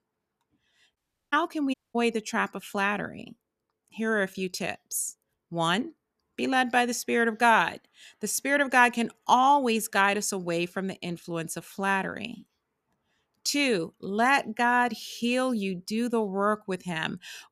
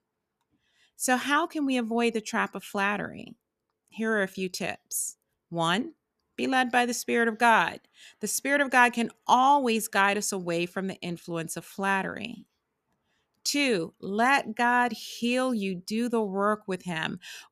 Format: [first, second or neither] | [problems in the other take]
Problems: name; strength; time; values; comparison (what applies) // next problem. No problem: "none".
second | audio cutting out; at 1 s and at 1.5 s